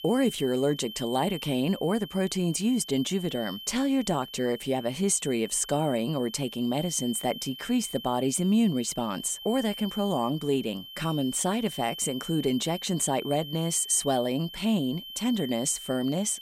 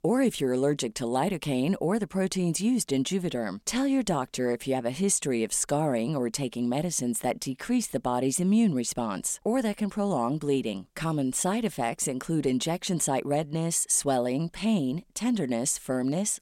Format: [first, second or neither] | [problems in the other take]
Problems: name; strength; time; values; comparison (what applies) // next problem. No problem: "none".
second | high-pitched whine; noticeable; throughout; 3 kHz, 10 dB below the speech